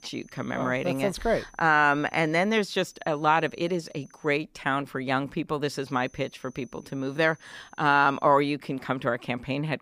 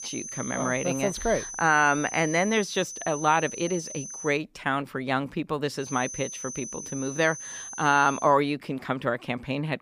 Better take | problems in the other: first | high-pitched whine; loud; until 4.5 s and from 6 to 8.5 s; 6 kHz, 9 dB below the speech; faint in the first

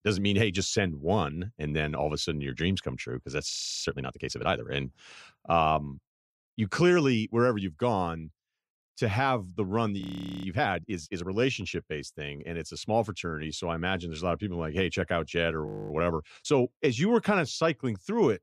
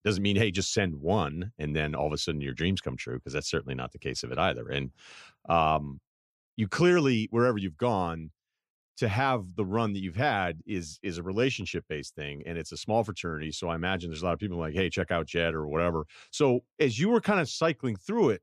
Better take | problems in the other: second | audio freezing; at 3.5 s, at 10 s and at 16 s

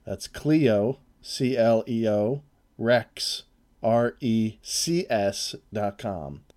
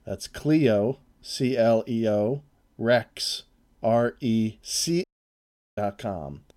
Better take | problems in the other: first | audio cutting out; at 5 s for 0.5 s

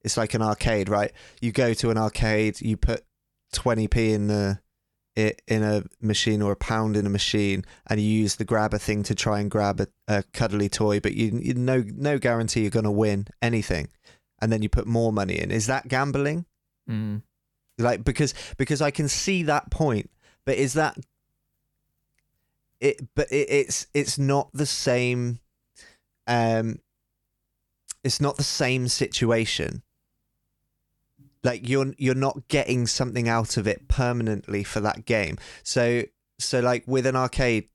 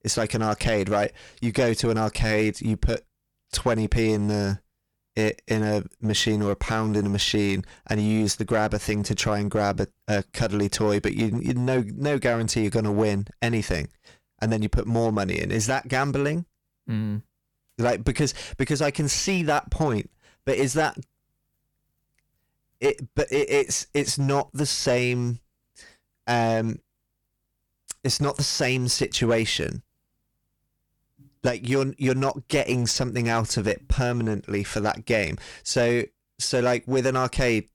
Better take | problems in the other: first | distortion; slight; 5% of the sound clipped

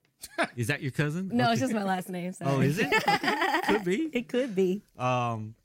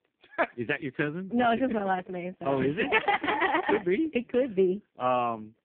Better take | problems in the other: first | phone-call audio; poor line

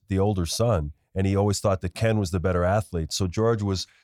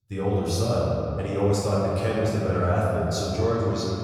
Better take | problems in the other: first | room echo; strong; dies away in 2.5 s // off-mic speech; far

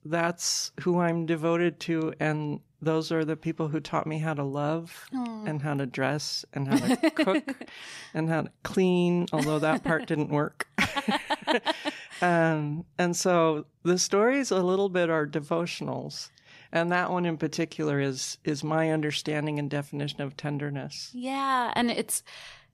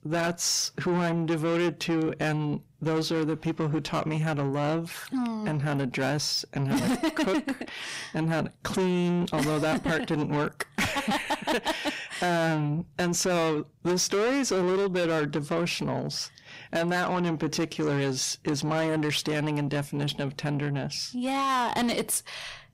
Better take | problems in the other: first | distortion; heavy; 7 dB below the speech

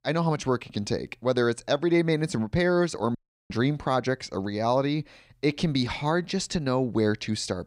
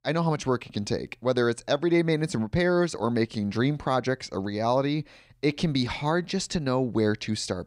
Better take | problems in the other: second | audio cutting out; at 3 s

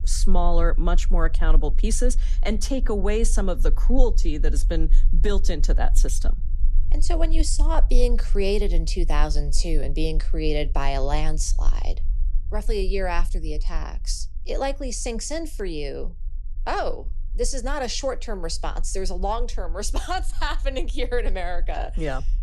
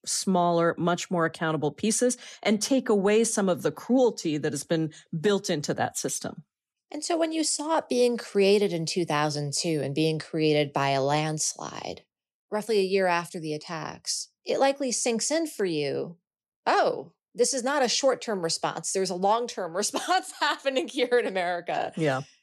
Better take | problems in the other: second | low rumble; faint; throughout; 25 dB below the speech

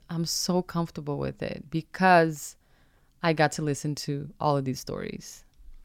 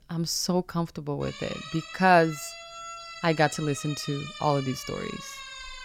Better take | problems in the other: first | siren; faint; from 1 s on; peak 10 dB below the speech

